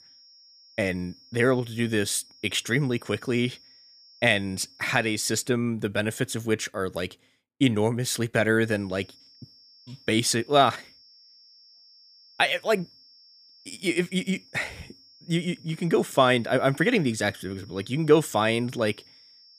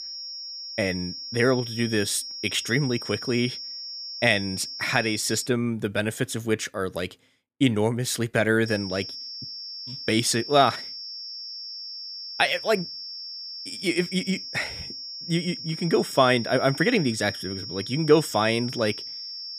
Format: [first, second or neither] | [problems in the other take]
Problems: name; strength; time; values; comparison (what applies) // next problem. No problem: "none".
first | high-pitched whine; loud; until 5.5 s and from 8.5 s on; 5.5 kHz, 9 dB below the speech; faint in the first